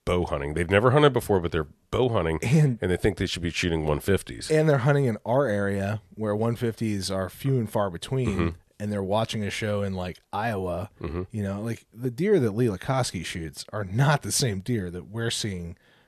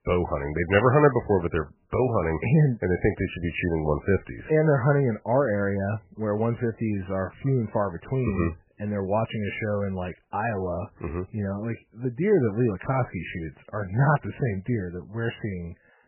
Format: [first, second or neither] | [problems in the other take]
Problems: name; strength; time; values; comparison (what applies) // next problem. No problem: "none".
first | garbled, watery; badly; nothing above 3 kHz